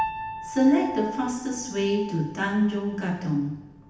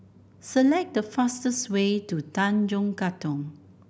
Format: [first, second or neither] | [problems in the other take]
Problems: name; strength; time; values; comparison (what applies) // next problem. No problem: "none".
second | background sound (Piano); 11 dB below the speech // room echo; dies away in 0.9 s